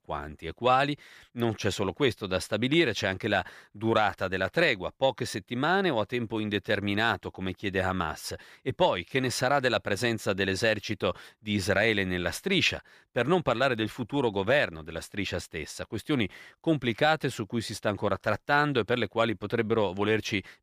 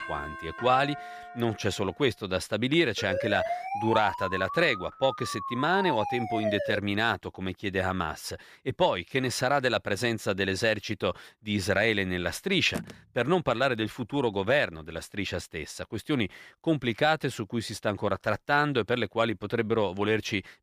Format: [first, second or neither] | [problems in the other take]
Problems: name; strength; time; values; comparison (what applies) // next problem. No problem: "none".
first | doorbell; noticeable; until 2 s; peak 9 dB below the speech // siren; noticeable; from 3 to 7 s; peak 2 dB below the speech // phone ringing; faint; at 13 s; peak 10 dB below the speech